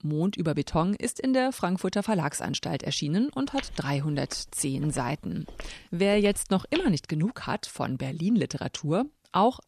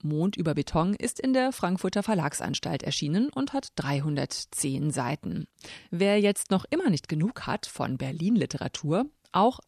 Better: second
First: footsteps; noticeable; from 3.5 to 7 s; peak 8 dB below the speech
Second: none

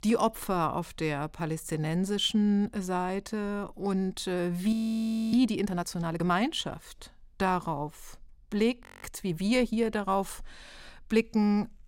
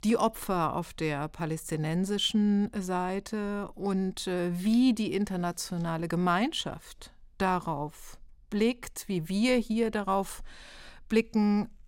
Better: second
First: audio freezing; at 4.5 s for 0.5 s and at 9 s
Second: none

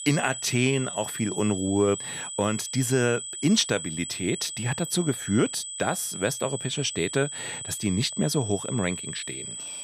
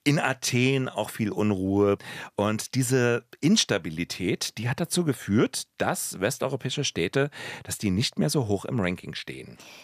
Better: second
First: high-pitched whine; loud; throughout; 8 kHz, 7 dB below the speech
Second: none

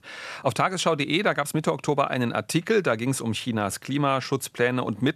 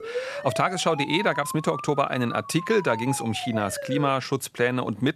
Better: first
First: none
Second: siren; noticeable; until 4 s; peak 7 dB below the speech

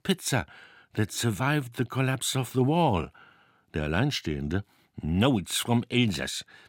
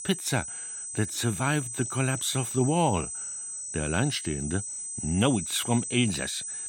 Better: first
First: none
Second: high-pitched whine; loud; throughout; 8 kHz, 5 dB below the speech

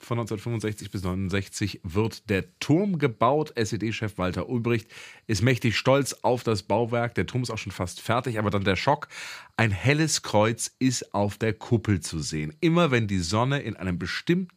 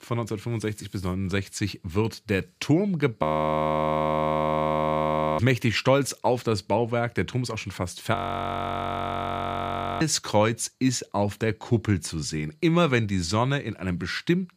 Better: first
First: none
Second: audio freezing; at 3 s for 2 s and at 8 s for 2 s

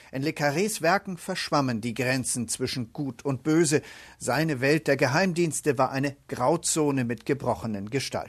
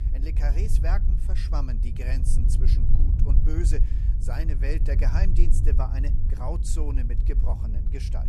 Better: first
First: none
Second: low rumble; loud; throughout; 5 dB below the speech

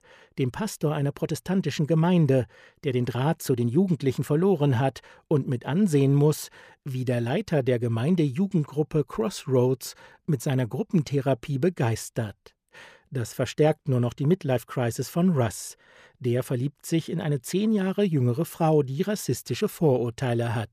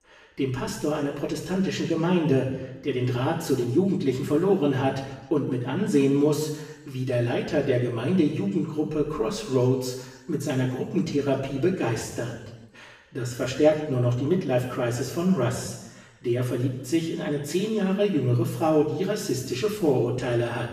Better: first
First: none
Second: room echo; noticeable; dies away in 0.9 s // off-mic speech; far

